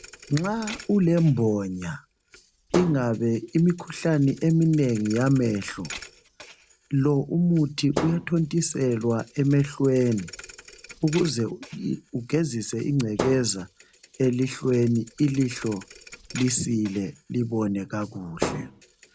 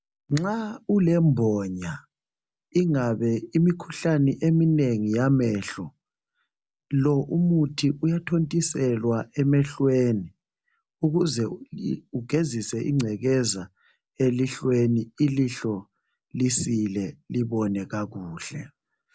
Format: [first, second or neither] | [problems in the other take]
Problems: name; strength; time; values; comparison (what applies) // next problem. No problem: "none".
second | background sound (Thump, thud); 14 dB below the speech